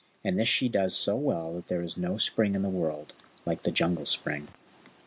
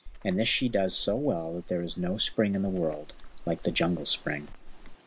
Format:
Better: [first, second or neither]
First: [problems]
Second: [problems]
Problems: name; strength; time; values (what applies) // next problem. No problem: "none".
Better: first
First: none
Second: background sound (Water / Splash, splatter); 13 dB below the speech